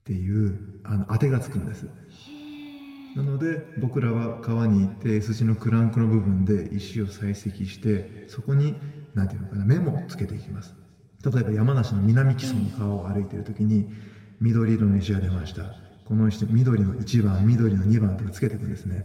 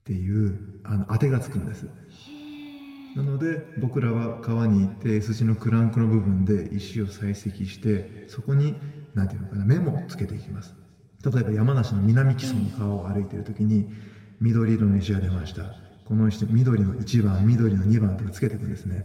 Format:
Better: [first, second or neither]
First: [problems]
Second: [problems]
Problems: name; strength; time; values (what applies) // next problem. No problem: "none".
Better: neither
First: room echo; noticeable; dies away in 1.6 s // off-mic speech; somewhat distant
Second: room echo; noticeable; dies away in 1.6 s // off-mic speech; somewhat distant